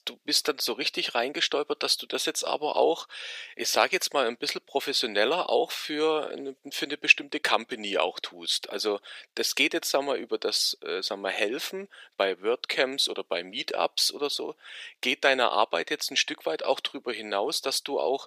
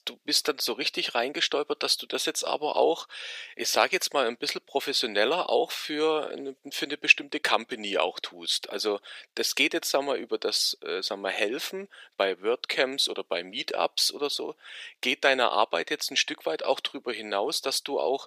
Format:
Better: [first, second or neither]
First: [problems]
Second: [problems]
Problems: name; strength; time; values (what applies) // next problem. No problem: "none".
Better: neither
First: thin; very; fading below 550 Hz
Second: thin; very; fading below 550 Hz